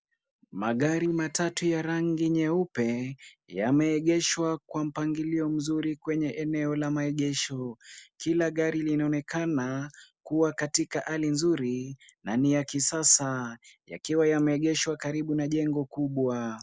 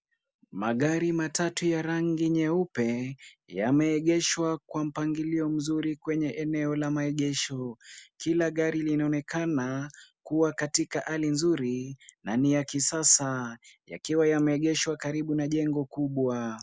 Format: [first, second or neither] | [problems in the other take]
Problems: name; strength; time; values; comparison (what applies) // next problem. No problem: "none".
second | noise reduction (neural separator model SepFormer DNS4)